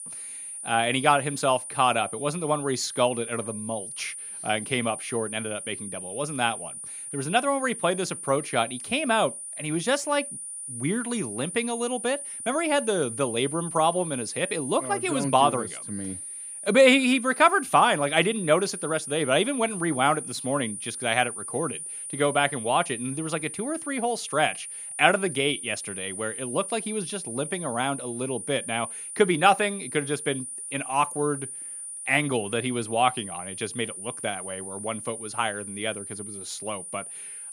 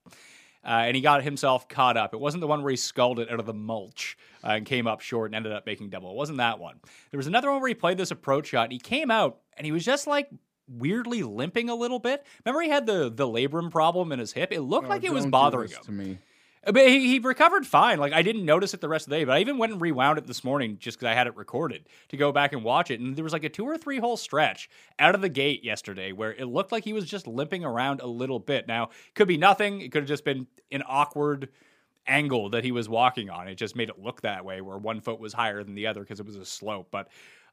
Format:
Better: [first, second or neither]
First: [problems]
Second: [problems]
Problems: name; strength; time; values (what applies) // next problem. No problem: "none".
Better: second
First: high-pitched whine; loud; throughout; 9.5 kHz, 8 dB below the speech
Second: none